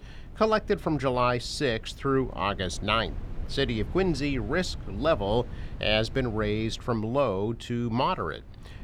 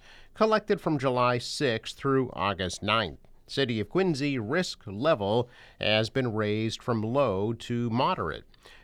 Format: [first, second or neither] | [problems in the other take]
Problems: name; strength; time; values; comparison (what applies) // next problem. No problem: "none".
second | wind noise on the microphone; occasional gusts; 25 dB below the speech